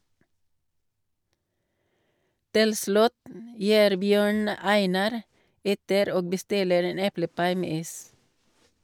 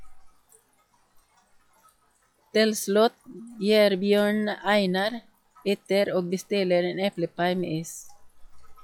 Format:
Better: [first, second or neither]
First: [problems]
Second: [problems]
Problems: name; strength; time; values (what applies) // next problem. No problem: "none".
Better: first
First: none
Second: noise reduction (classical method log-MMSE)